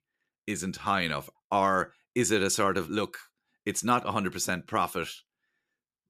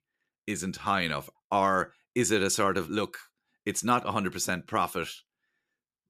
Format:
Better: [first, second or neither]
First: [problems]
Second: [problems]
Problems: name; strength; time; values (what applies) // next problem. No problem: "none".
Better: neither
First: none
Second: none